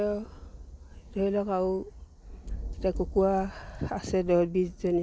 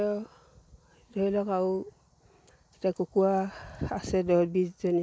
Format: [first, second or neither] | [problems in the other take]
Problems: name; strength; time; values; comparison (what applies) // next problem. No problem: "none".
second | background sound (Thunder); 12 dB below the speech